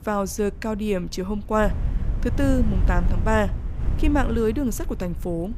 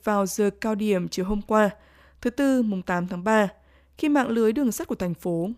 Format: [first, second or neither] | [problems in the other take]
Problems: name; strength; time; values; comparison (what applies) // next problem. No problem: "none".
second | wind noise on the microphone; occasional gusts; 15 dB below the speech